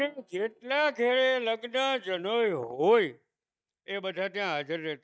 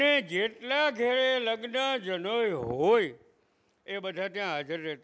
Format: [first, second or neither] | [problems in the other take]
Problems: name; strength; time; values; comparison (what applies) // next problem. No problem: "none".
second | noise reduction (neural mask model DeepFilterNet 3)